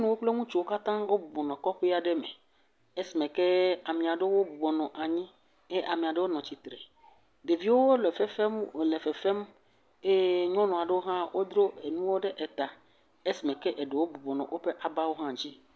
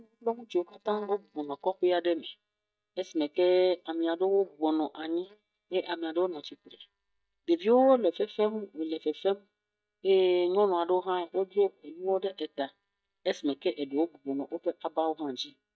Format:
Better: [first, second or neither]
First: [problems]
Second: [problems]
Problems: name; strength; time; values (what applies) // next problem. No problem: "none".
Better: first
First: none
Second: noise reduction (neural mask model DeepFilterNet 3)